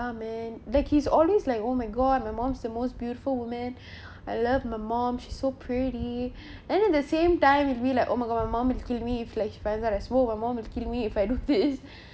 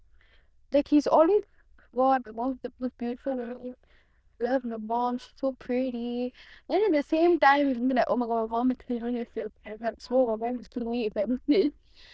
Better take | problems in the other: first | noise reduction (neural diffusion model UNIVERSE++)

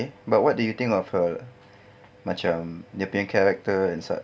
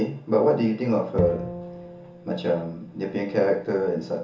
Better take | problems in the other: first | background sound (Bowed string instrument); 11 dB below the speech // room echo; dies away in 0.7 s

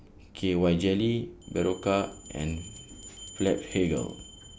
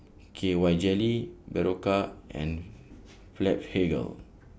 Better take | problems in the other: second | background sound (Bell); 19 dB below the speech

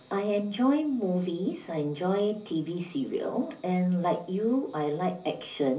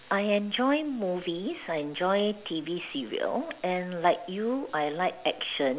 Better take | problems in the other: second | room echo; dies away in 0.5 s

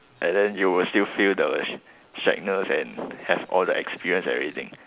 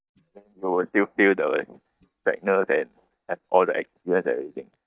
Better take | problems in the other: first | noise reduction (neural mask model DeepFilterNet 3)

